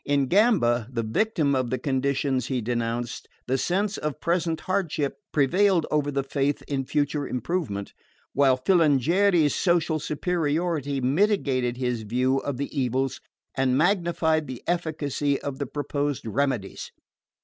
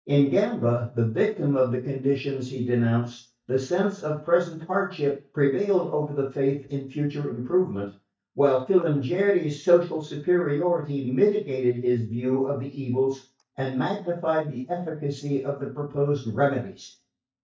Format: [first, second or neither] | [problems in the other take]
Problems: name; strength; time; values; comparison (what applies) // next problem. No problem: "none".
first | noise reduction (neural mask model DeepFilterNet 3)